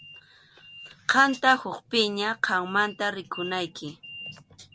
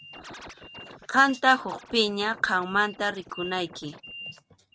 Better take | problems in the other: first | noise reduction (neural mask model RNNoise)

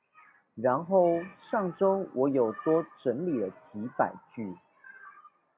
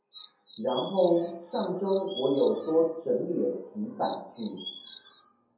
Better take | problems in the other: first | background sound (Chirp, tweet); 16 dB below the speech // room echo; dies away in 0.7 s

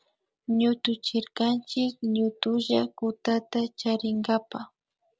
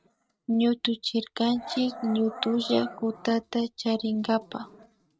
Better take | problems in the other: first | noise reduction (neural mask model RNNoise)

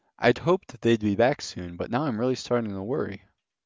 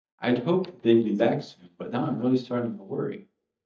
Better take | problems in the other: first | noise reduction (neural mask model DeepFilterNet 3)

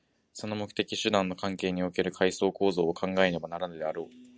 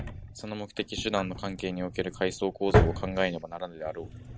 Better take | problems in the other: first | background sound (Drawer open or close); as loud as the speech

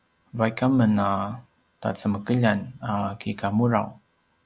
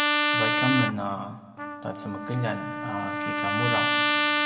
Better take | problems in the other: first | background sound (Trumpet); 4 dB above the speech // room echo; dies away in 1.5 s

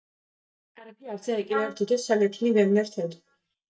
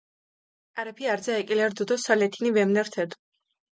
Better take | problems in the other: second | noise reduction (neural mask model DeepFilterNet 3)

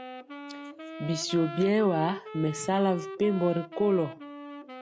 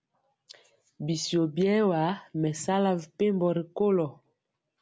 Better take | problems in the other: second | background sound (Wind instrument, woodwind instrument); 12 dB below the speech

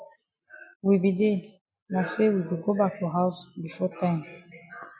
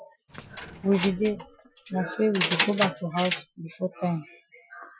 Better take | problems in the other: first | noise reduction (classical method Wiener filter)

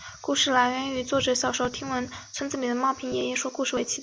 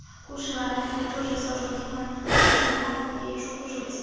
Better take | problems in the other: first | background sound (Breathing); 3 dB above the speech // room echo; dies away in 2.1 s

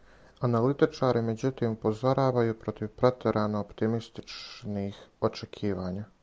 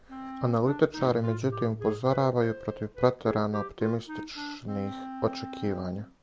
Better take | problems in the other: first | background sound (Guitar + Wind instrument, woodwind instrument); 11 dB below the speech

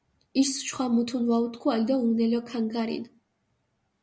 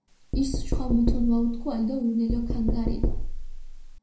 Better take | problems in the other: first | background sound (Knock); as loud as the speech // room echo; dies away in 0.4 s

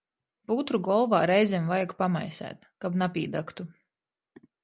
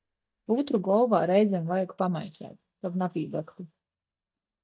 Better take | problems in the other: first | noise reduction (neural mask model DeepFilterNet 3)

